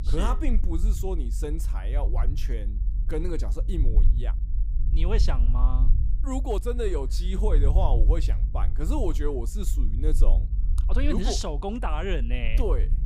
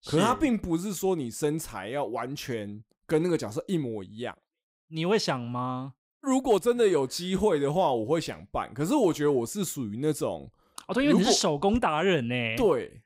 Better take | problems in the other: second | low rumble; noticeable; throughout; 15 dB below the speech

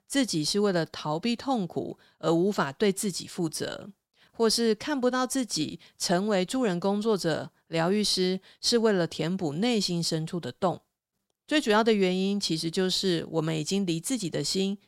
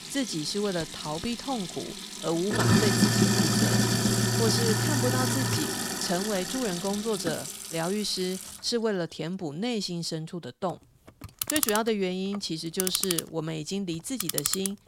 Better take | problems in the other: first | household noises; very loud; throughout; 3 dB above the speech

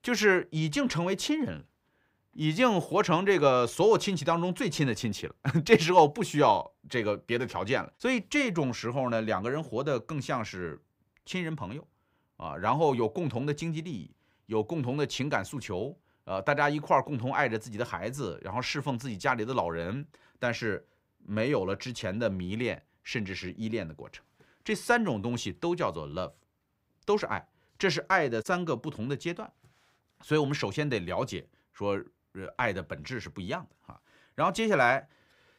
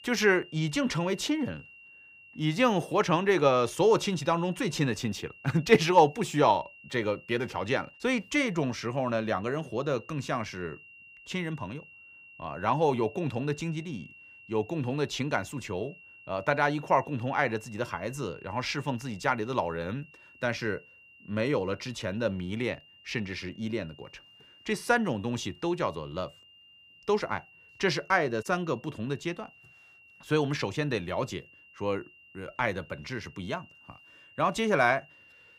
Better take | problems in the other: first | high-pitched whine; faint; throughout; 2.5 kHz, 20 dB below the speech

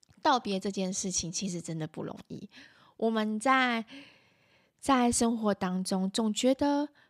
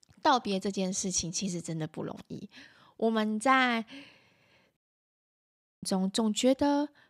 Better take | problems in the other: first | audio cutting out; at 5 s for 1 s

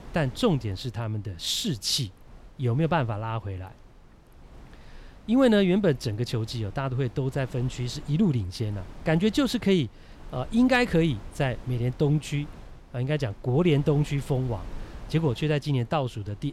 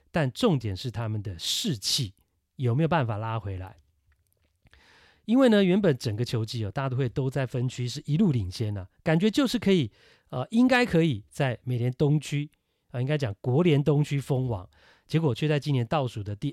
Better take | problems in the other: second | wind noise on the microphone; occasional gusts; 25 dB below the speech

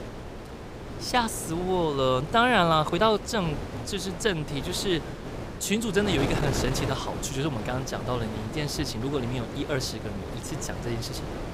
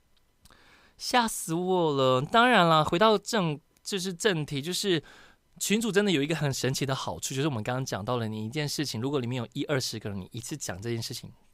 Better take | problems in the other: second | wind noise on the microphone; heavy; 10 dB below the speech

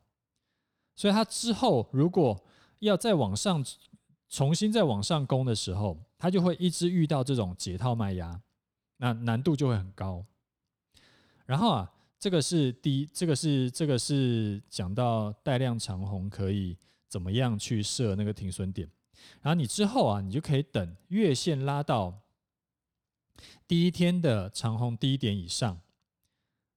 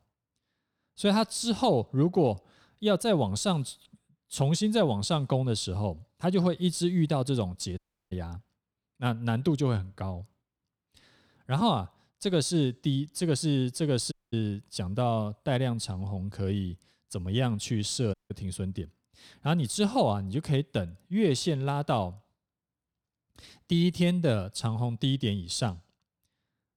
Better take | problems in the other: first | audio cutting out; at 8 s, at 14 s and at 18 s

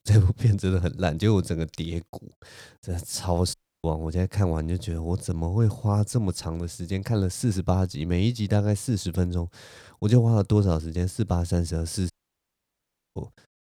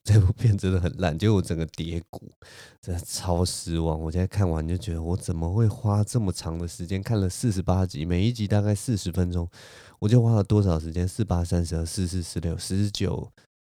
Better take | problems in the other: second | audio cutting out; at 3.5 s and at 12 s for 1 s

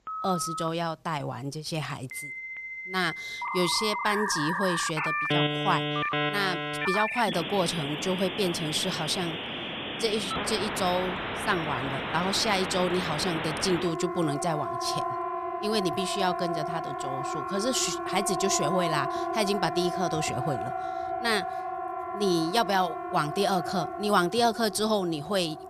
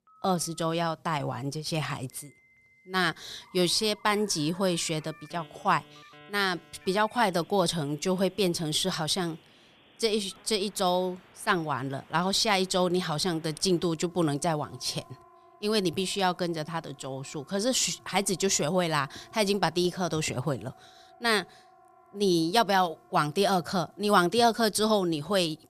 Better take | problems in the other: second | alarms or sirens; loud; throughout; 3 dB below the speech; faint in the second

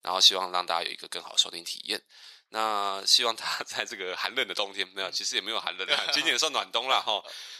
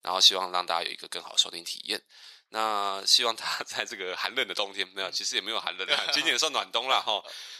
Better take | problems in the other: neither | thin; very; fading below 700 Hz; the same in both

